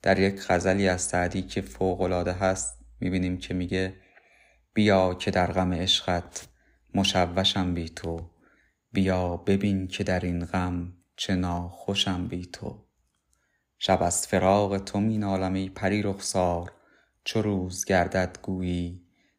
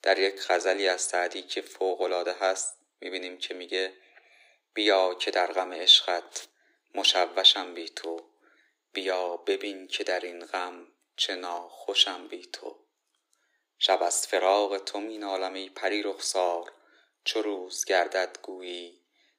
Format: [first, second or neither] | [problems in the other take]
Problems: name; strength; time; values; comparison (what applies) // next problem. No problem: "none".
first | thin; very; fading below 300 Hz